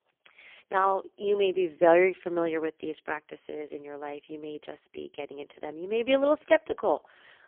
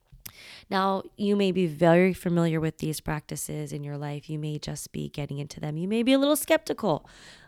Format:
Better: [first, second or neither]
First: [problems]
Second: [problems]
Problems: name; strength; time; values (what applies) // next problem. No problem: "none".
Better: second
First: phone-call audio; poor line; nothing above 3.5 kHz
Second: none